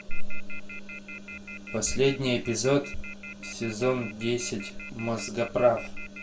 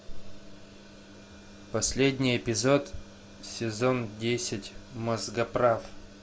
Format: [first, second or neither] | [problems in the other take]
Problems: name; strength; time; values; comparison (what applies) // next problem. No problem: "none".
second | background sound (Telephone); 16 dB below the speech // room echo; dies away in 0.2 s